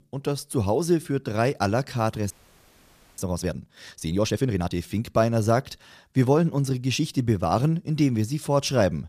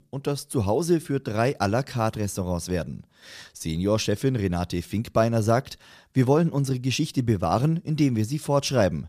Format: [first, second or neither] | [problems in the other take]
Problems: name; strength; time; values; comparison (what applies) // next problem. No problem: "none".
second | audio freezing; at 2.5 s for 1 s